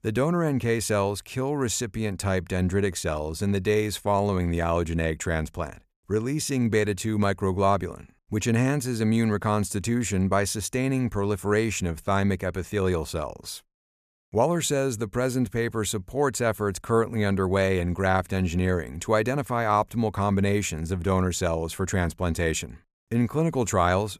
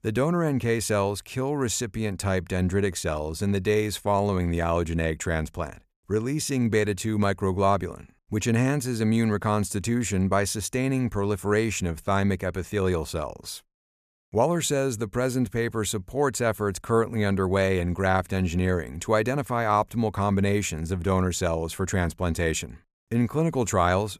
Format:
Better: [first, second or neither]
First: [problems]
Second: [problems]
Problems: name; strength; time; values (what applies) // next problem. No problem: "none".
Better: neither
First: none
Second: none